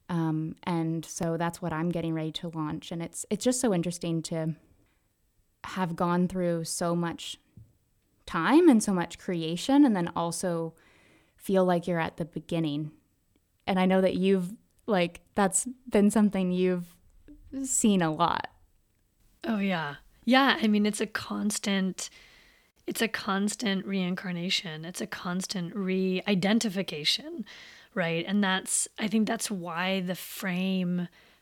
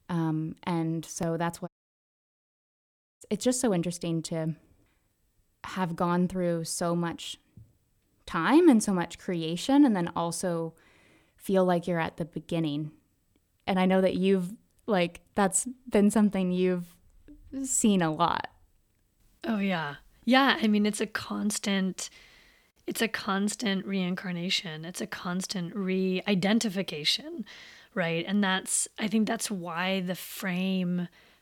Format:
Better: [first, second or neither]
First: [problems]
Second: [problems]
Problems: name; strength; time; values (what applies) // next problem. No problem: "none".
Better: first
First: none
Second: audio cutting out; at 1.5 s for 1.5 s